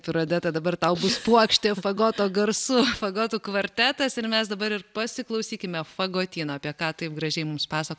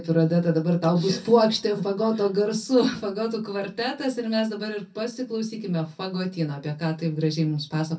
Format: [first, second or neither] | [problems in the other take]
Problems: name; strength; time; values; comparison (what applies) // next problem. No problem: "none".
first | room echo; dies away in 0.3 s